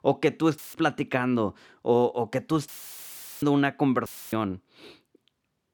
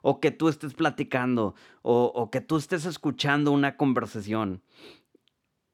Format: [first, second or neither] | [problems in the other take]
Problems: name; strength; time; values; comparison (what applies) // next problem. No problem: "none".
second | audio cutting out; filled with static; at 0.5 s, at 2.5 s for 0.5 s and at 4 s